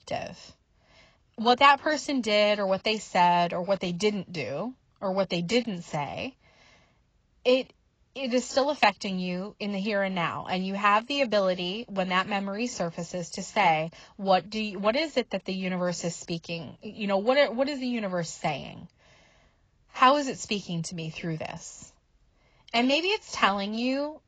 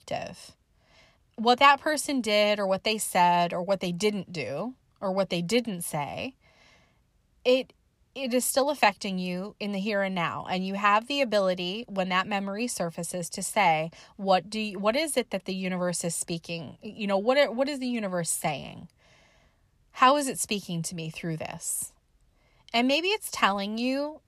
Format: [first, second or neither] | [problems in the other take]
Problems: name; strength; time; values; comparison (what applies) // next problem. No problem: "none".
second | garbled, watery; badly; nothing above 7.5 kHz